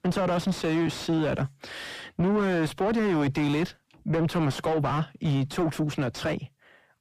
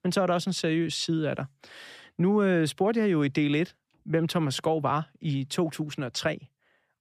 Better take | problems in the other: second | distortion; heavy; 6 dB below the speech

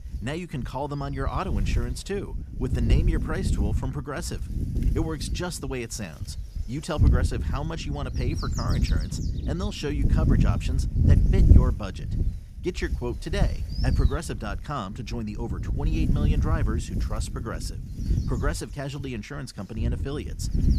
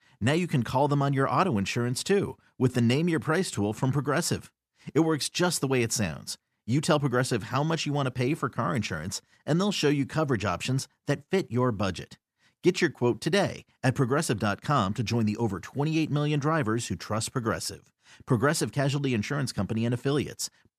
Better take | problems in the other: second | wind noise on the microphone; heavy; 5 dB below the speech

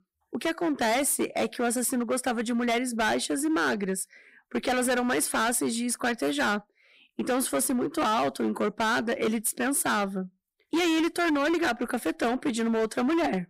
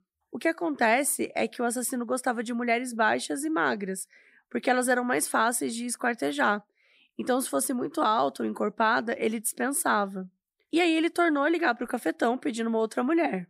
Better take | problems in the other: second | distortion; heavy; 18% of the sound clipped

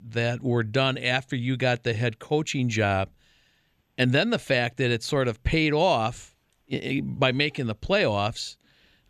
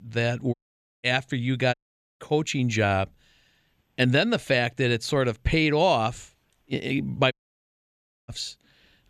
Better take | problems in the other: first | audio cutting out; at 0.5 s, at 1.5 s and at 7.5 s for 1 s

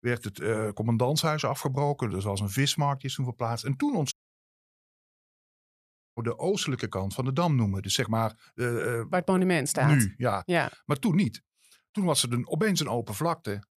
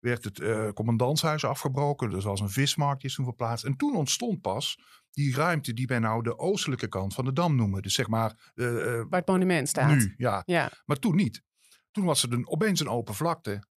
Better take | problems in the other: second | audio cutting out; at 4 s for 2 s

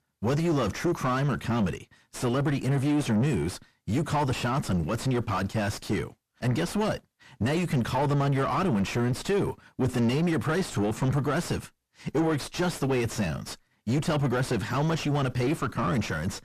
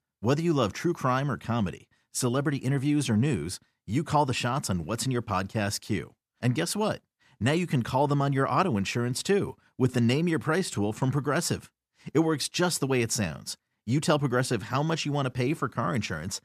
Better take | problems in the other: second | distortion; heavy; 4 dB below the speech

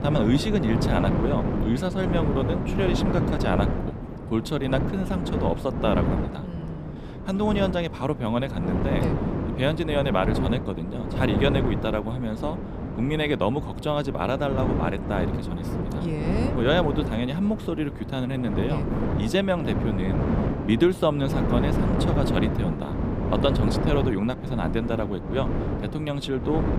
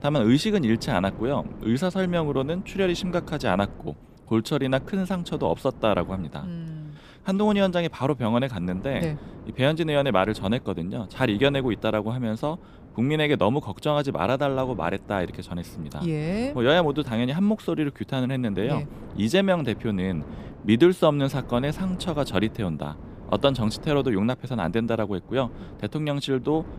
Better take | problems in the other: second | wind noise on the microphone; heavy; 4 dB below the speech; occasional gusts in the second

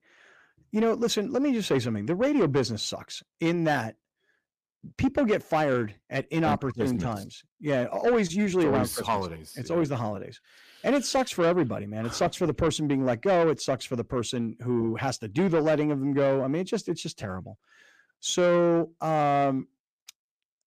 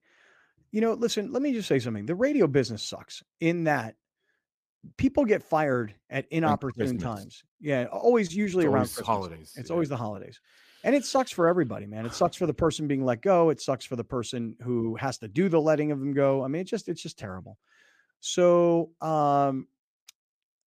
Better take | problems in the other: second | distortion; slight; 10 dB below the speech

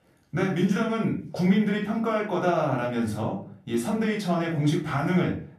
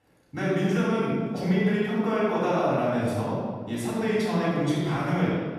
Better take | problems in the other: first | room echo; strong; dies away in 1.6 s; slight in the first // off-mic speech; far; far in the first

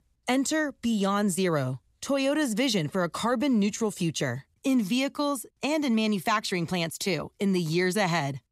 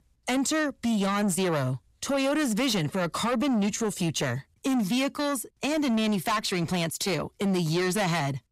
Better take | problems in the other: first | distortion; slight; 10 dB below the speech

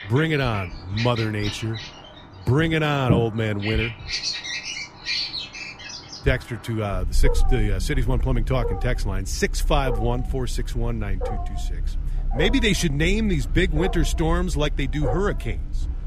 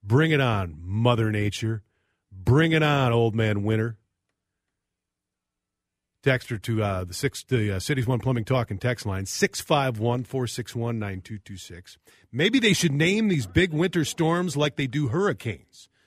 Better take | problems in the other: second | animal sounds; loud; throughout; 4 dB below the speech

